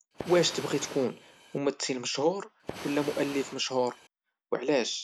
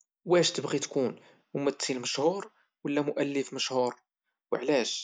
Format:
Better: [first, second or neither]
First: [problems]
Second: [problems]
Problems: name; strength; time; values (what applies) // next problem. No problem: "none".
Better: second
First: background sound (Fire); 12 dB below the speech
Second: none